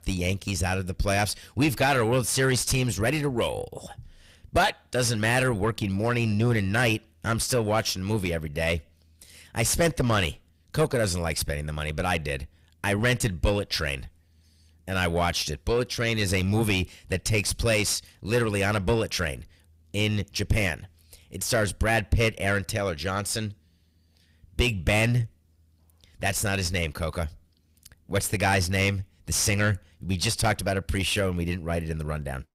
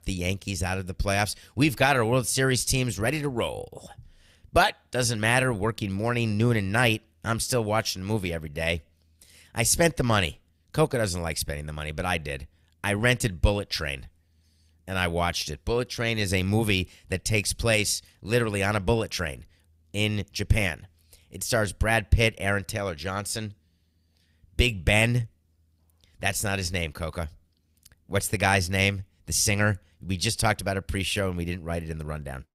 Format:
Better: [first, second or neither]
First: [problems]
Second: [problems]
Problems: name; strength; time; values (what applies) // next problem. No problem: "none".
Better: second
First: distortion; slight; 10 dB below the speech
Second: none